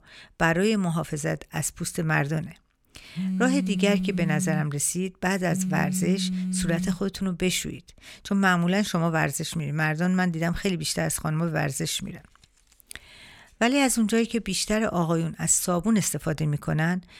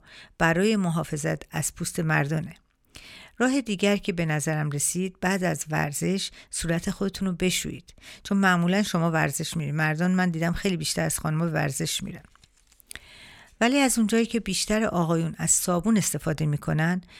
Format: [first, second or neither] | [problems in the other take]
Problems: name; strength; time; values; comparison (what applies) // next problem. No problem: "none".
second | phone ringing; noticeable; from 3 to 7 s; peak 2 dB below the speech